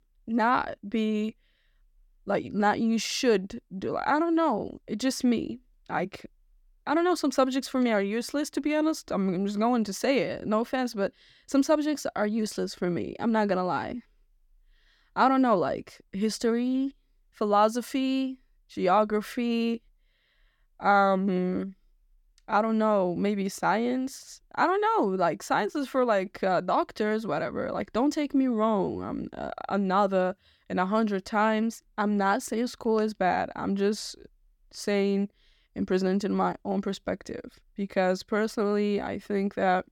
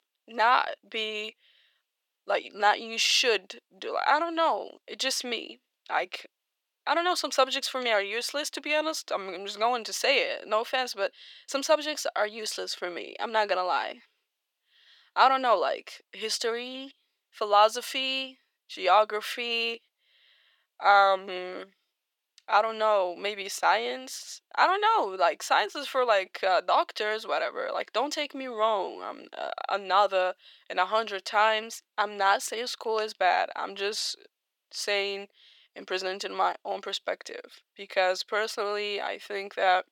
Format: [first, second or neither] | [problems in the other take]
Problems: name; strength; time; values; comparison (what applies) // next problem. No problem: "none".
first | thin; very; fading below 550 Hz